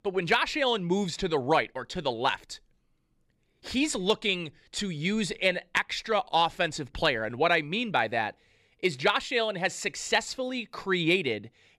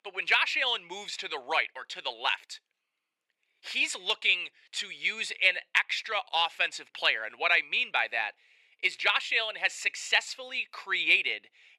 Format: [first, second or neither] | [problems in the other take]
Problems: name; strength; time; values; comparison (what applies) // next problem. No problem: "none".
first | thin; very; fading below 750 Hz